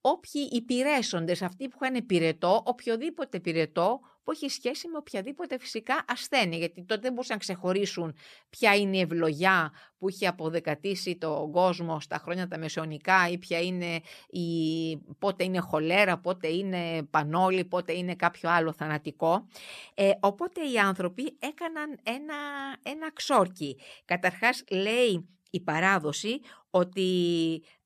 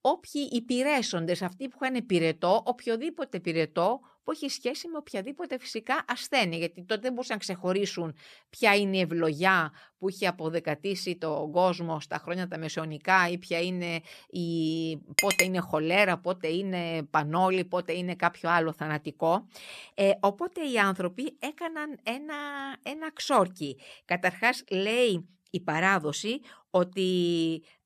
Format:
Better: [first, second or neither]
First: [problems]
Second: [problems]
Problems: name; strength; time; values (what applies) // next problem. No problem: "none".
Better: first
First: none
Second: clattering dishes; loud; at 15 s; peak 5 dB above the speech